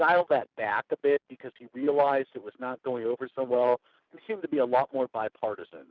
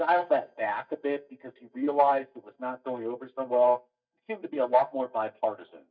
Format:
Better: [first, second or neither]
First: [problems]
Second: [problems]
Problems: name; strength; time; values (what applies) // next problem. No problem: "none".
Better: first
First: none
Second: noise reduction (neural mask model DeepFilterNet 3)